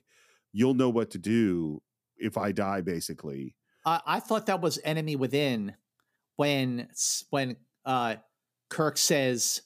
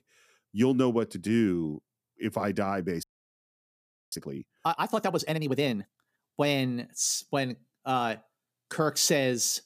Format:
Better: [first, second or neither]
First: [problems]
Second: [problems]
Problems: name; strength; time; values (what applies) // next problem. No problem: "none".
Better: first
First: none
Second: audio freezing; at 3 s for 1 s